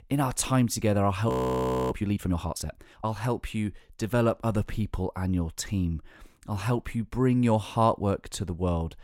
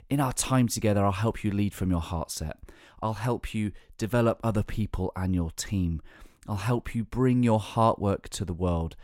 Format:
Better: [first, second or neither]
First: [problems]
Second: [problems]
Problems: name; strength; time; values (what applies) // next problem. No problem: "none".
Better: second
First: audio freezing; at 1.5 s for 0.5 s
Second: none